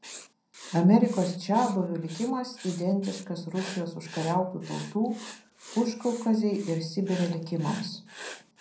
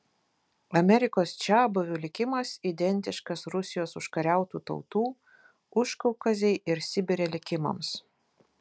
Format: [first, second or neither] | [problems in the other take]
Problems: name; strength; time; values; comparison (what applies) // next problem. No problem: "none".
second | background sound (Writing); 17 dB below the speech // room echo; dies away in 0.5 s